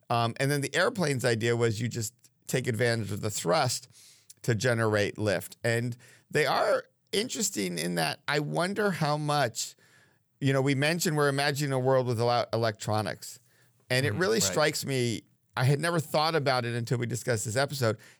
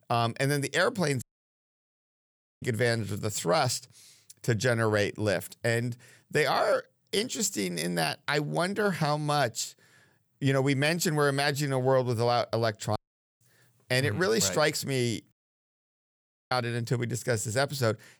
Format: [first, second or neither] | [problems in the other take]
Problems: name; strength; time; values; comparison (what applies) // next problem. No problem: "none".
first | audio cutting out; at 1 s for 1.5 s, at 13 s and at 15 s for 1 s